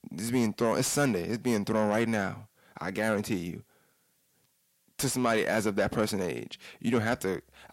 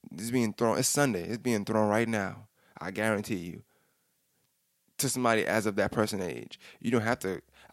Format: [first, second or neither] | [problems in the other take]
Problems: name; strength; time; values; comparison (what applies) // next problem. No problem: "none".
second | distortion; slight; 10 dB below the speech